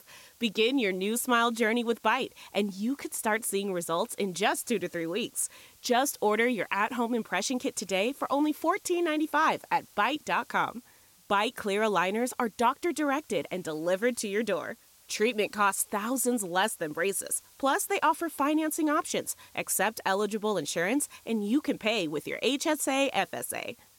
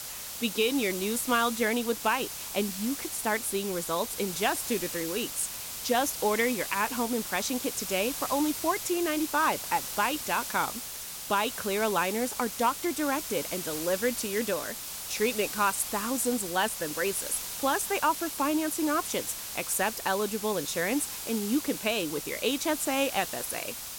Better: first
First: hiss; faint; throughout; 25 dB below the speech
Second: hiss; loud; throughout; 5 dB below the speech

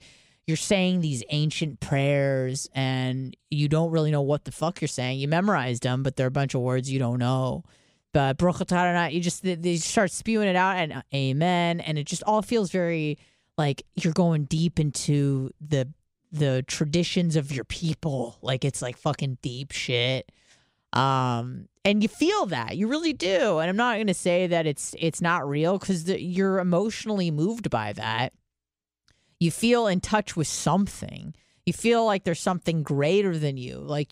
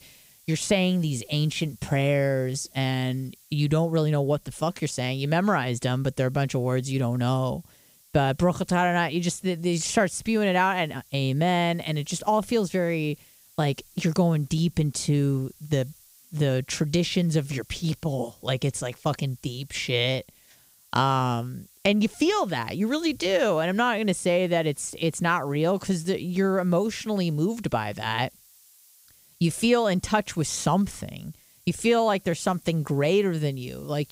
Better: first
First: none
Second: hiss; faint; throughout; 30 dB below the speech

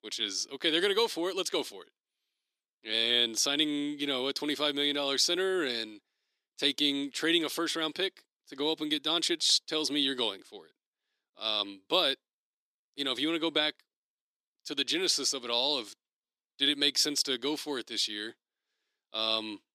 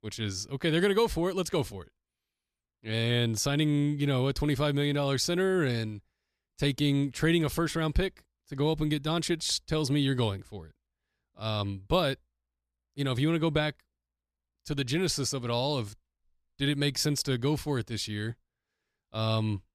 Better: second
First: thin; very slightly; fading below 300 Hz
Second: none

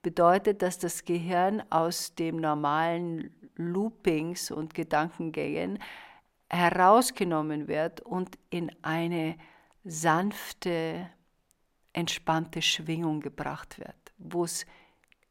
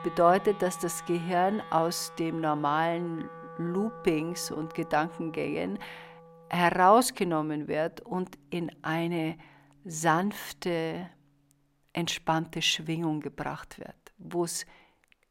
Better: first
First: none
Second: background music; noticeable; until 12 s; 15 dB below the speech

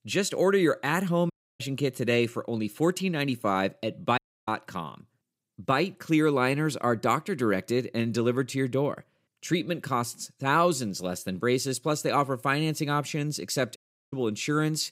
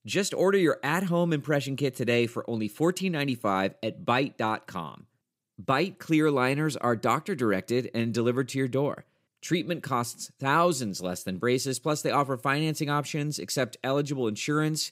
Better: second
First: audio cutting out; at 1.5 s, at 4 s and at 14 s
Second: none

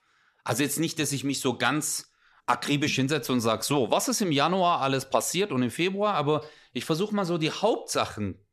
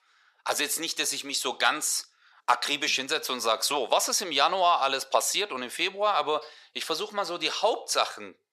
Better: first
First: none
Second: thin; very; fading below 650 Hz

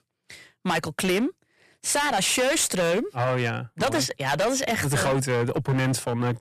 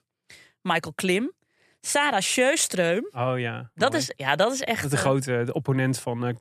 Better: second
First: distortion; heavy; 16% of the sound clipped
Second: none

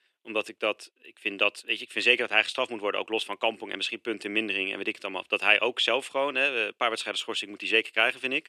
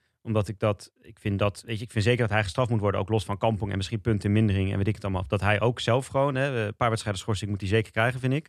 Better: second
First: thin; very; fading below 300 Hz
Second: none

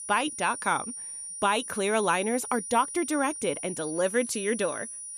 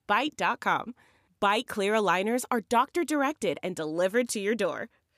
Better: second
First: high-pitched whine; loud; throughout; 9.5 kHz, 8 dB below the speech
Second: none

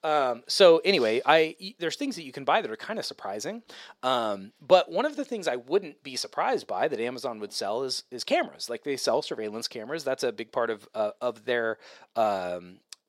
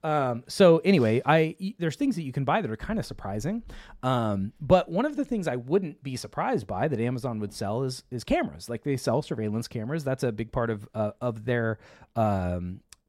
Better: second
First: thin; somewhat; fading below 450 Hz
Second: none

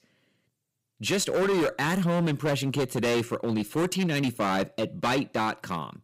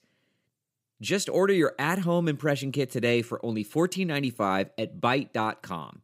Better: second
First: distortion; heavy; 16% of the sound clipped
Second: none

